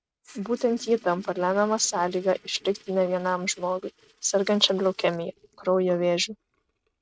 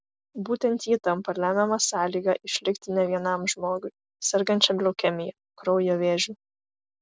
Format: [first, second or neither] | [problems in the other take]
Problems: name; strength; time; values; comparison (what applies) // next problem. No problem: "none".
second | noise reduction (neural mask model RNNoise)